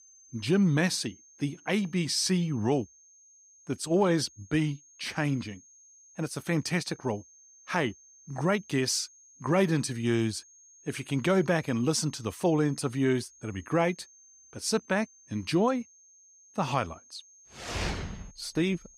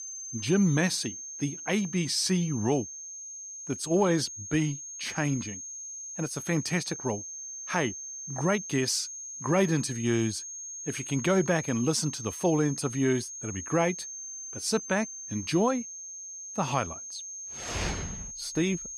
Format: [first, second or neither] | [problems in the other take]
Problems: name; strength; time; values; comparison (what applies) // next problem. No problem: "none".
first | high-pitched whine; loud; throughout; 6.5 kHz, 8 dB below the speech; faint in the first